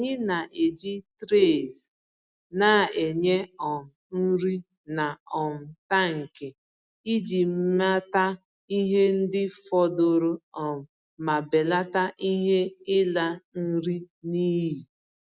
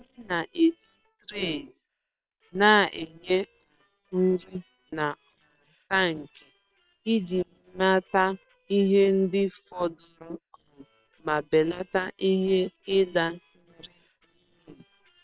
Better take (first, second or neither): first